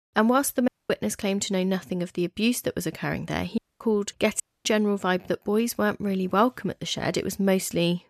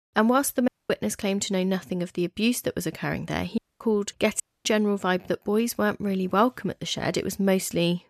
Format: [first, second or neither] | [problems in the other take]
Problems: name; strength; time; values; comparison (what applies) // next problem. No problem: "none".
neither | audio cutting out; at 0.5 s, at 3.5 s and at 4.5 s; the same in both